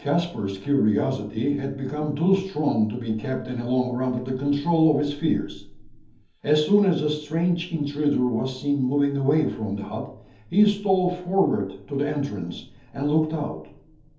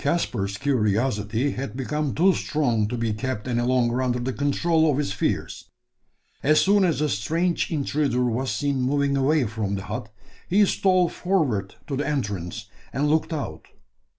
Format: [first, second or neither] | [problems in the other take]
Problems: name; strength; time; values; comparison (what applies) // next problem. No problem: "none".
second | room echo; dies away in 0.7 s